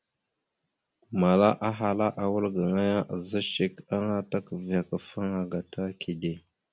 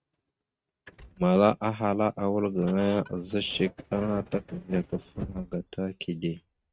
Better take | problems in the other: first | noise reduction (neural mask model RNNoise)

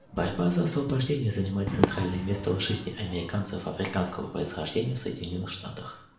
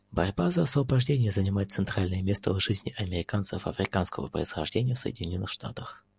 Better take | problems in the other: second | background sound (Crowd / Fireworks); 8 dB below the speech // room echo; dies away in 0.7 s

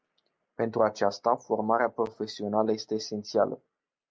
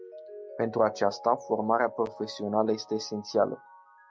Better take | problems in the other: first | background sound (Mallet percussion); 16 dB below the speech

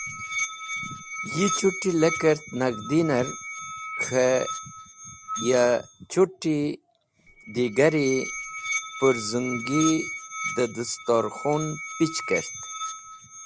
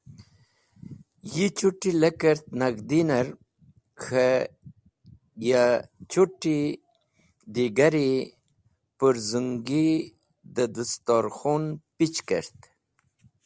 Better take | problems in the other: second | background sound (Musical instrument); 8 dB below the speech

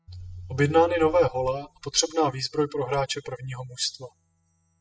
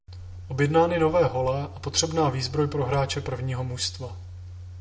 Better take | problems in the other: second | noise reduction (classical method spectral subtraction)

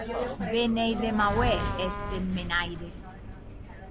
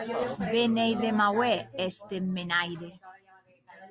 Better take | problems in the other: second | background sound (Trumpet + Wind); 5 dB below the speech

